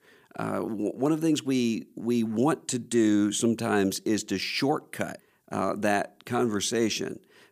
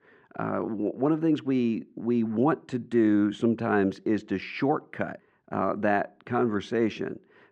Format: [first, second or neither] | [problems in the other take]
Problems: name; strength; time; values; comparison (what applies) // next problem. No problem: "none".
first | muffled; very; fading above 1.5 kHz